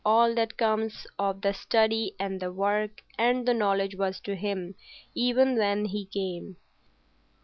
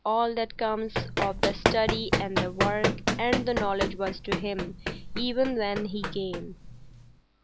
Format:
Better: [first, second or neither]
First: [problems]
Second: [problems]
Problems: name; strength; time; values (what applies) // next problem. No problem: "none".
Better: first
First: none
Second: background sound (Run); 1 dB below the speech